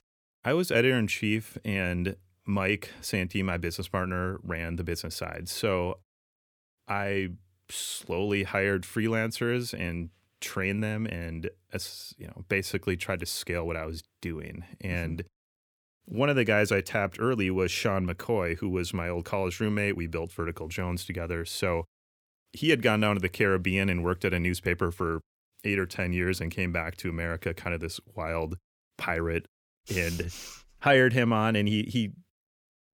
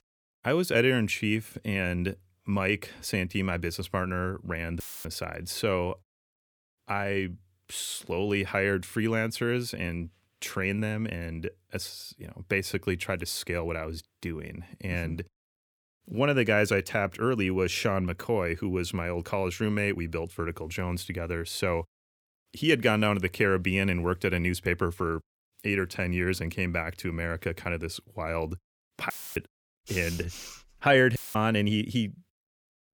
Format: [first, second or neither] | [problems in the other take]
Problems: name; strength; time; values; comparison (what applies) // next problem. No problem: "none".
first | audio cutting out; filled with static; at 5 s, at 29 s and at 31 s